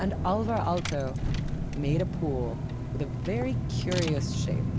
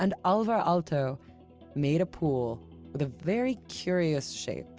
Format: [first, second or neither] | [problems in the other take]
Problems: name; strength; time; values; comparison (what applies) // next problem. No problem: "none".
second | background sound (Engine / Car); 2 dB above the speech